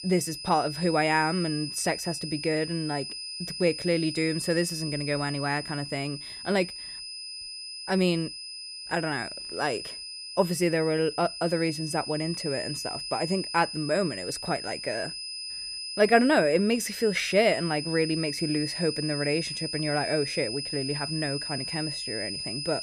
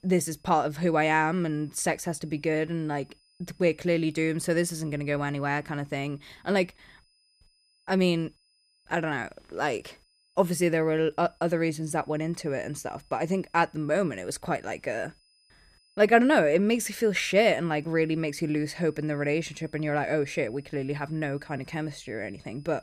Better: second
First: high-pitched whine; loud; throughout; 5 kHz, 6 dB below the speech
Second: high-pitched whine; faint; throughout; 5 kHz, 35 dB below the speech

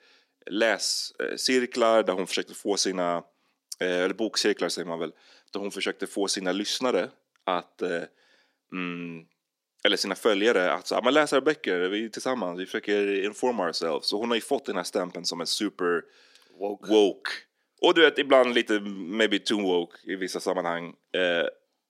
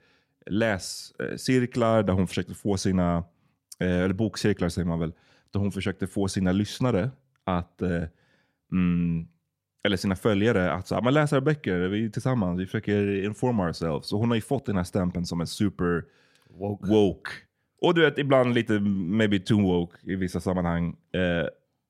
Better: second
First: thin; somewhat; fading below 300 Hz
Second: none

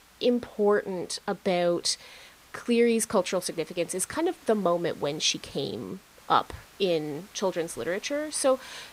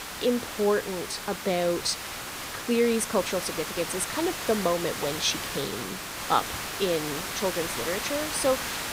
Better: first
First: hiss; faint; throughout; 25 dB below the speech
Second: hiss; loud; throughout; 4 dB below the speech

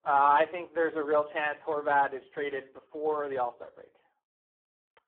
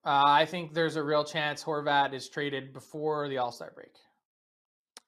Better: second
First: phone-call audio; poor line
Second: none

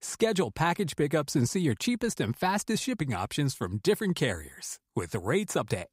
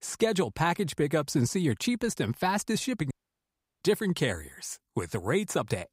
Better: first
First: none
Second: audio cutting out; at 3 s for 0.5 s

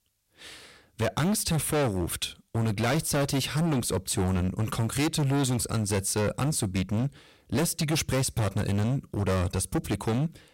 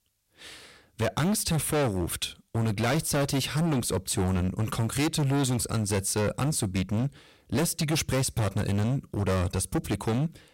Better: neither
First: distortion; heavy; 21% of the sound clipped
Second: distortion; heavy; 21% of the sound clipped

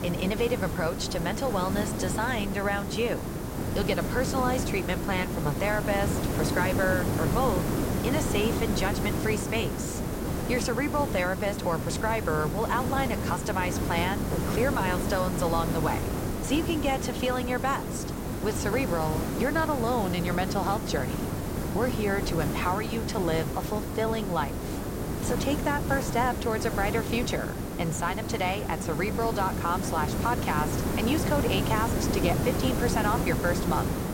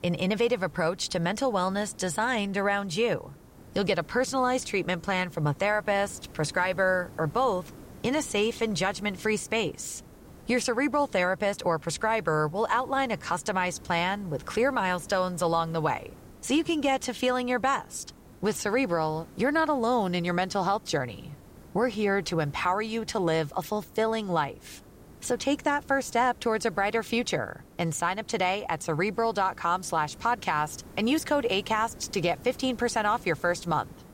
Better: second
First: hiss; loud; throughout; 1 dB below the speech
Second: hiss; faint; throughout; 20 dB below the speech

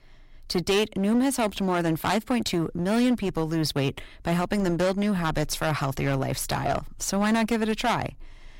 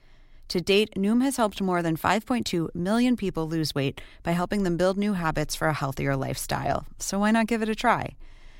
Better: second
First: distortion; slight; 12% of the sound clipped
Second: none

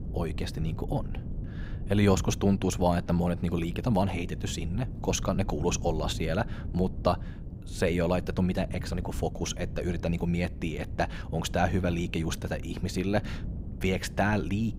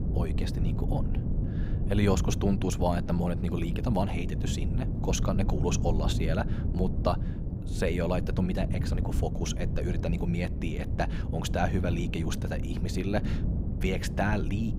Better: first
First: wind noise on the microphone; occasional gusts; 20 dB below the speech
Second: wind noise on the microphone; heavy; 9 dB below the speech

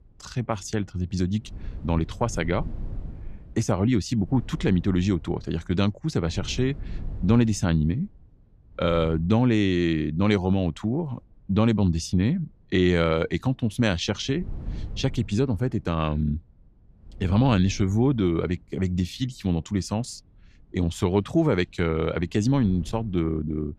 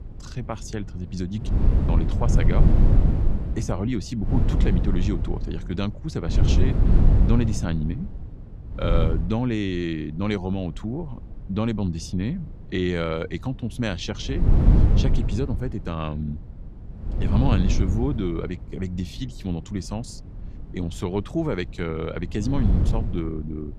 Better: first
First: wind noise on the microphone; occasional gusts; 25 dB below the speech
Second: wind noise on the microphone; heavy; 3 dB below the speech

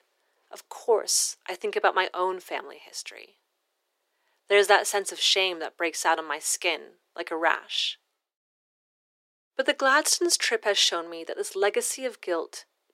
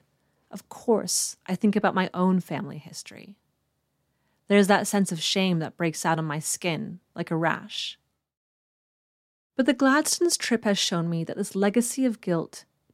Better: second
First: thin; very; fading below 350 Hz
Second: none

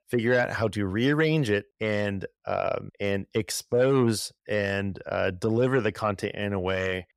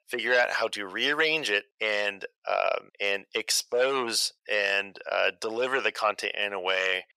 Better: first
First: none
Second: thin; very; fading below 700 Hz

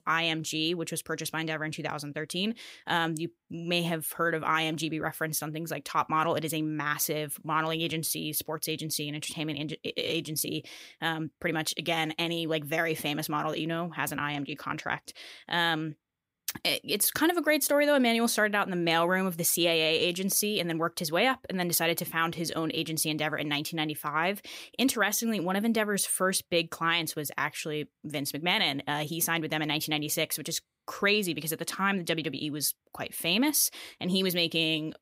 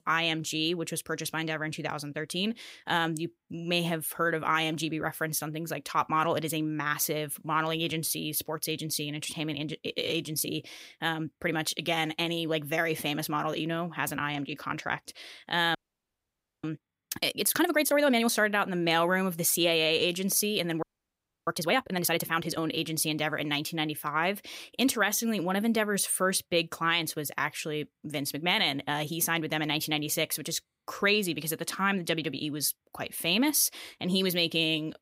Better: first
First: none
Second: audio freezing; at 16 s for 1 s and at 21 s for 0.5 s

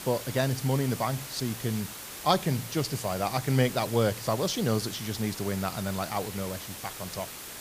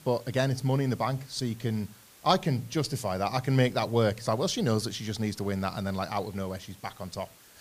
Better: second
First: hiss; loud; throughout; 9 dB below the speech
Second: hiss; faint; throughout; 25 dB below the speech

